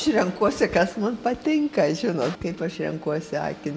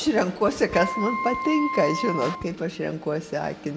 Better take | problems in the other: first | background sound (Wind instrument, woodwind instrument); 6 dB below the speech

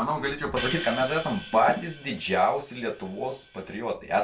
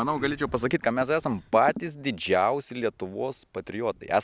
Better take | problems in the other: second | background sound (Hi-hat); 13 dB below the speech // room echo; dies away in 0.3 s

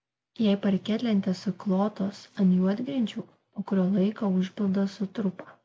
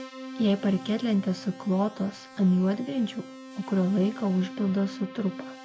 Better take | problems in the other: first | background sound (Keyboard (musical)); 15 dB below the speech

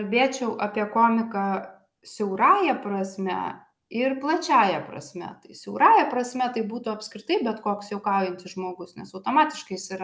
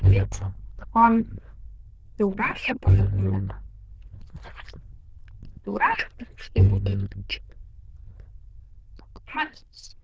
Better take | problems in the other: first | noise reduction (neural diffusion model UNIVERSE++)

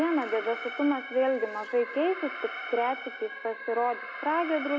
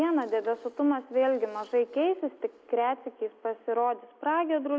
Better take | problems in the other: second | background sound (Alarm); 10 dB below the speech

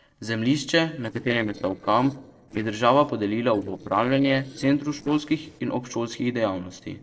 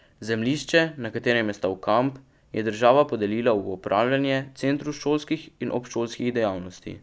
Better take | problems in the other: second | noise reduction (neural separator model SepFormer DNS4)

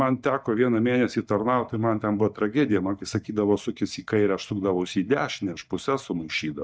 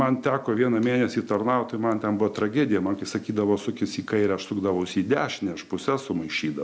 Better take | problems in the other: second | noise reduction (neural mask model DeepFilterNet 3)

